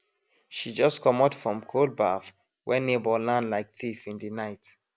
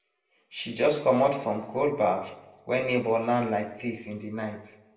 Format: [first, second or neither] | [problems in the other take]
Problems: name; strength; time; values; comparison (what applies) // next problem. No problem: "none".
first | room echo; dies away in 0.8 s